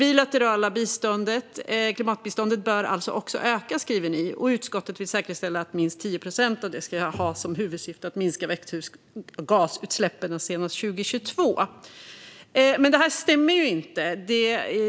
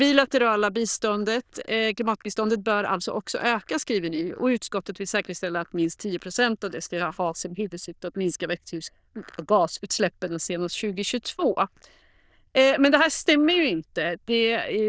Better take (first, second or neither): first